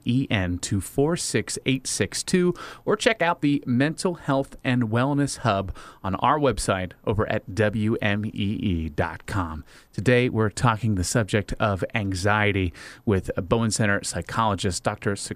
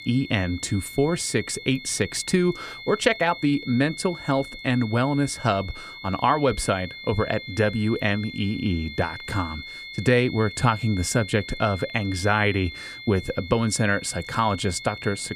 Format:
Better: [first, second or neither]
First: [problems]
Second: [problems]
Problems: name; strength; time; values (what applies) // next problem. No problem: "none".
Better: first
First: none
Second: high-pitched whine; noticeable; throughout; 2 kHz, 10 dB below the speech